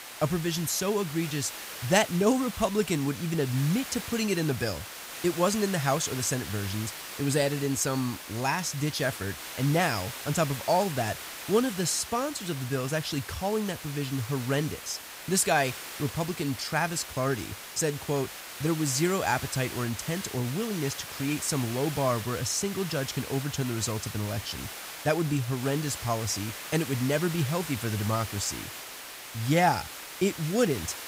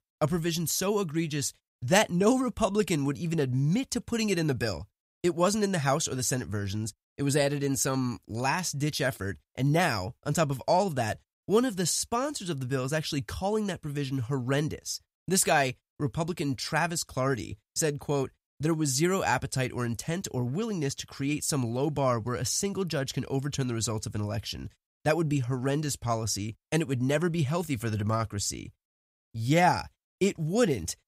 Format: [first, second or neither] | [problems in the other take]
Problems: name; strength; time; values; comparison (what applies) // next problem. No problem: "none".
second | hiss; loud; throughout; 9 dB below the speech